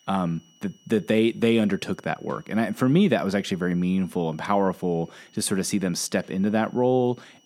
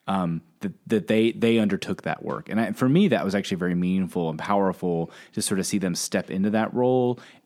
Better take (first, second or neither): second